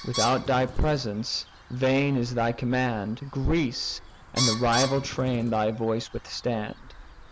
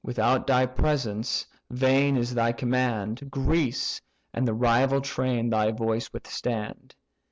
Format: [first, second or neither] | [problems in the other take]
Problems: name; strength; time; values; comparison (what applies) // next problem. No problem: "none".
second | background sound (Bird); 10 dB below the speech